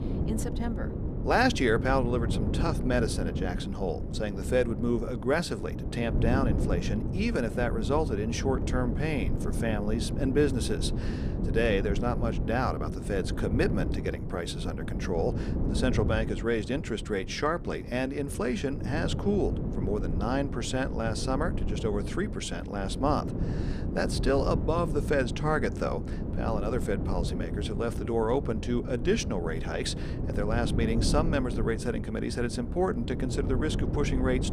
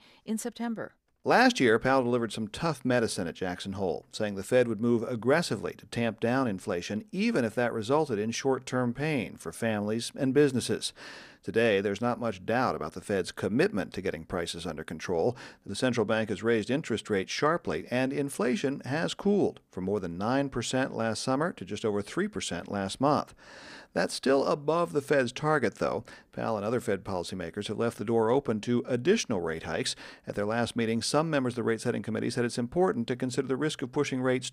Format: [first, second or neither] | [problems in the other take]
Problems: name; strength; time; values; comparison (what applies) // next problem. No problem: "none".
second | wind noise on the microphone; heavy; 9 dB below the speech